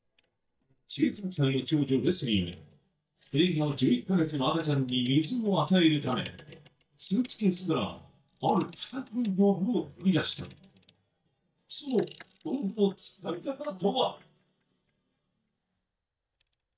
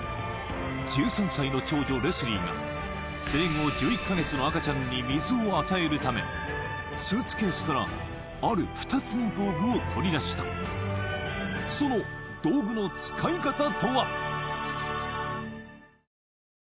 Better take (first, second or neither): second